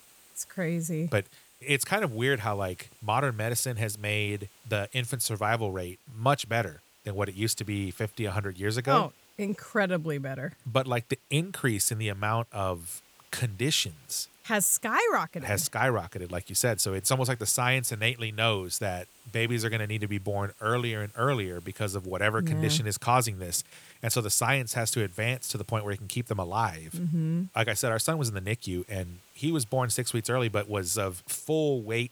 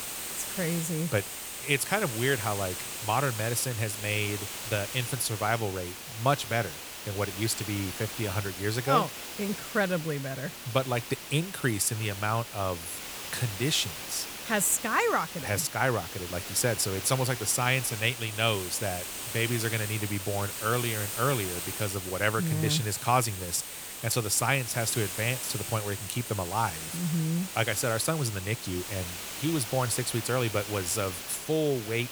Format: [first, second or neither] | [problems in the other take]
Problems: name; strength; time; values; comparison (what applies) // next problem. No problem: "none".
first | hiss; loud; throughout; 6 dB below the speech; faint in the first